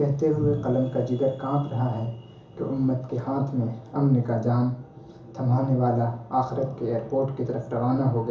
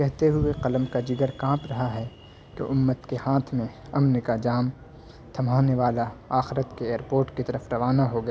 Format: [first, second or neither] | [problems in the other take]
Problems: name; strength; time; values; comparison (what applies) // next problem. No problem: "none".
second | room echo; dies away in 0.7 s